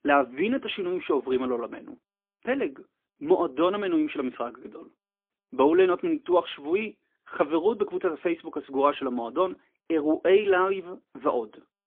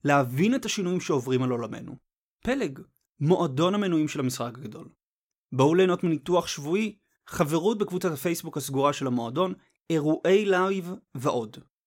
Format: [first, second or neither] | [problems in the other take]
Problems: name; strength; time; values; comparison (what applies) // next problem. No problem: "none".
second | phone-call audio; poor line; nothing above 3.5 kHz